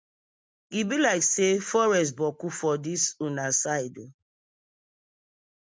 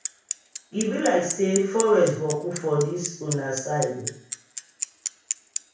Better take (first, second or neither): first